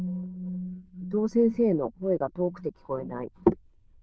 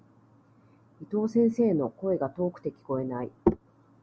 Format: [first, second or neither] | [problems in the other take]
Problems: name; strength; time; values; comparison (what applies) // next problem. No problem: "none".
second | noise reduction (neural diffusion model UNIVERSE++)